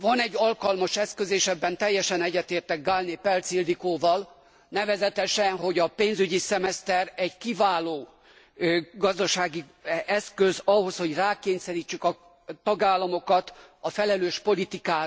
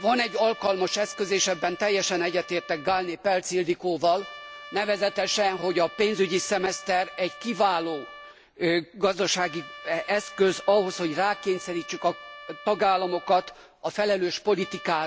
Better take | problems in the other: first | background sound (Trumpet); 18 dB below the speech

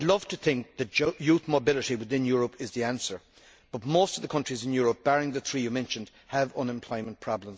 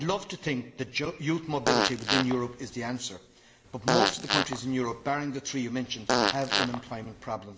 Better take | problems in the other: first | background sound (Fart); 2 dB above the speech // room echo; dies away in 2.3 s

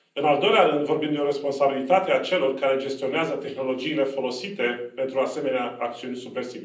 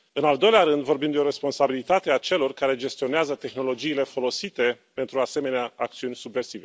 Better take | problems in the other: second | room echo; dies away in 0.6 s

